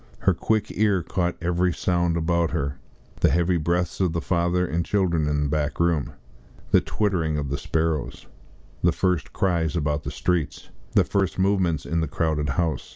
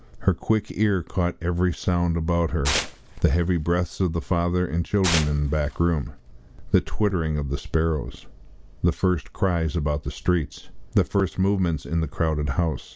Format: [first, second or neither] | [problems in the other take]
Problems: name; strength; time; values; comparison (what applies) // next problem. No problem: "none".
first | background sound (Tearing); 8 dB below the speech